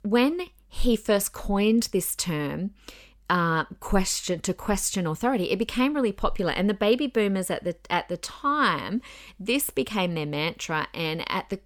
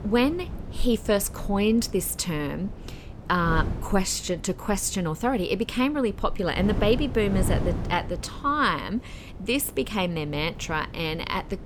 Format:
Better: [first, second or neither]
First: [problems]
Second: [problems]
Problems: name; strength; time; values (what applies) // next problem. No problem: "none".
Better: first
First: none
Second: wind noise on the microphone; occasional gusts; 15 dB below the speech